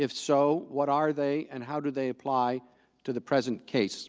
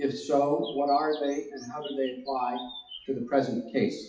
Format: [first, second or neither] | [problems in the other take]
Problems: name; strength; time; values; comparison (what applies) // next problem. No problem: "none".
first | noise reduction (classical method WPE with log-MMSE)